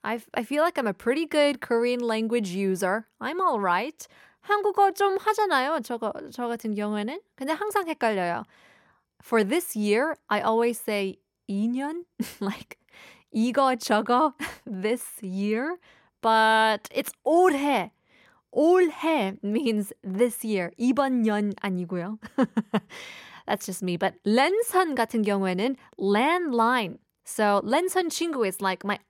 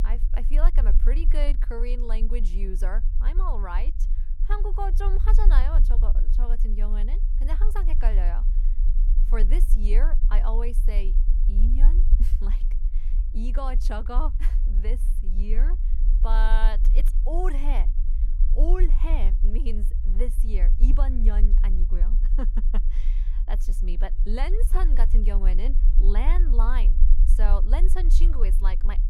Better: first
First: none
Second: low rumble; noticeable; throughout; 10 dB below the speech

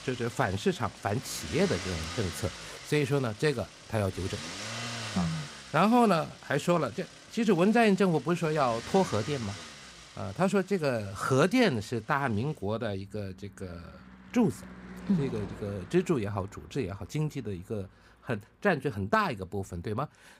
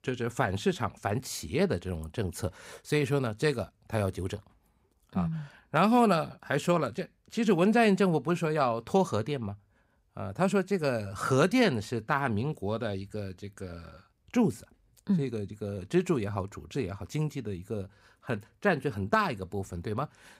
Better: second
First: traffic noise; noticeable; throughout; 15 dB below the speech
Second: none

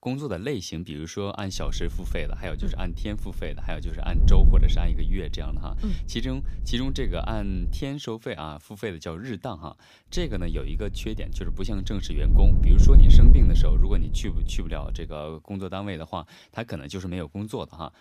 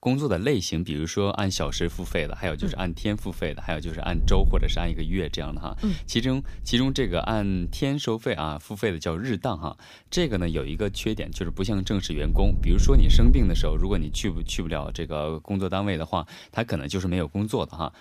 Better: second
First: wind noise on the microphone; heavy; from 1.5 to 8 s and from 10 to 15 s; 7 dB below the speech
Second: wind noise on the microphone; occasional gusts; from 1.5 to 8 s and from 10 to 15 s; 20 dB below the speech

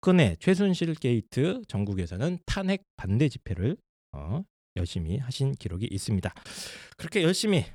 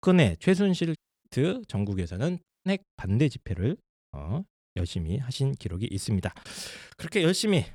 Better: first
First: none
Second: audio cutting out; at 1 s and at 2.5 s

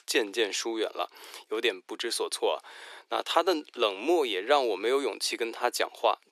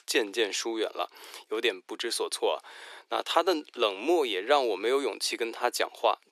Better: neither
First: thin; very; fading below 350 Hz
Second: thin; very; fading below 350 Hz

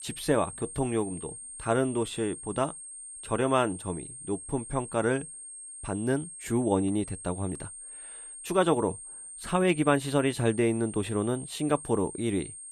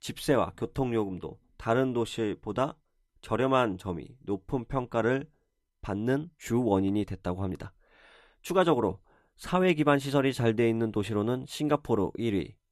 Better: second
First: high-pitched whine; noticeable; throughout; 8.5 kHz, 10 dB below the speech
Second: none

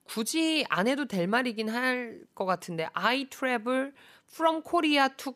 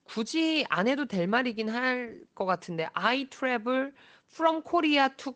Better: first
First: none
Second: garbled, watery; slightly; nothing above 8 kHz

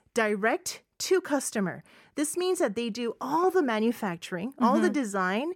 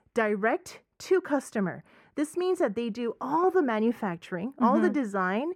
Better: first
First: none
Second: muffled; slightly; fading above 3 kHz

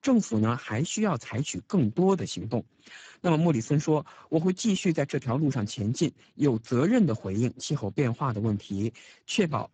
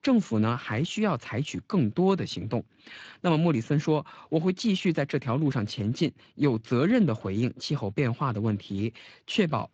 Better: second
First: garbled, watery; badly; nothing above 7.5 kHz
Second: garbled, watery; slightly; nothing above 7.5 kHz

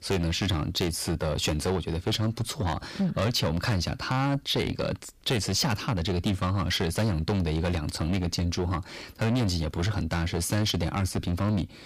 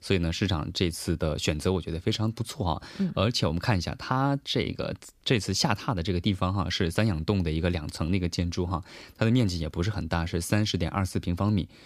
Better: second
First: distortion; heavy; 6 dB below the speech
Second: none

